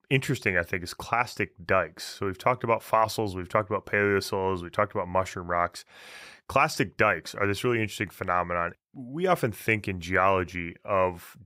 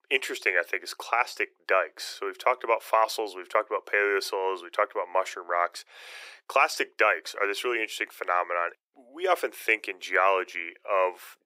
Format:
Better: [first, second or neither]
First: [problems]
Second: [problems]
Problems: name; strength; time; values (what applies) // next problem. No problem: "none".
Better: first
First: none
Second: thin; very; fading below 350 Hz